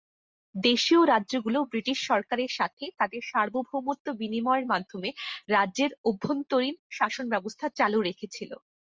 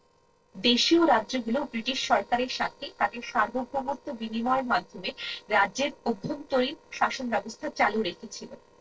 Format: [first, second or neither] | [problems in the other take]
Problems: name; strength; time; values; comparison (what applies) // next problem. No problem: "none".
first | noise reduction (neural separator model SepFormer DNS4)